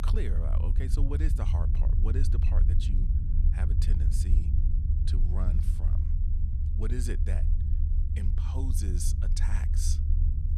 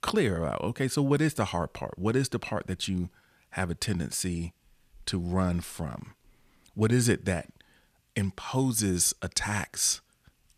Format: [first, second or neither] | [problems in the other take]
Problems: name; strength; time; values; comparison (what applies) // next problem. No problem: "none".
second | low rumble; loud; throughout; 3 dB below the speech